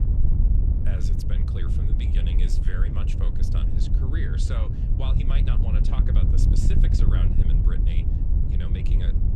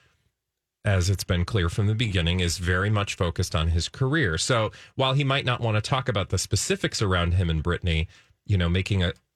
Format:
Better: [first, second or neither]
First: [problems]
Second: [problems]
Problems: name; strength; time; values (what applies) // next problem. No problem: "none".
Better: second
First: wind noise on the microphone; heavy; 1 dB above the speech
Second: none